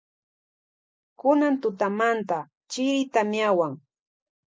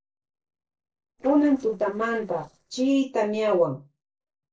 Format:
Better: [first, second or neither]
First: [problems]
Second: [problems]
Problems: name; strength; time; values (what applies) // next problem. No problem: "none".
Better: first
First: none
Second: noise reduction (neural separator model SepFormer DNS4)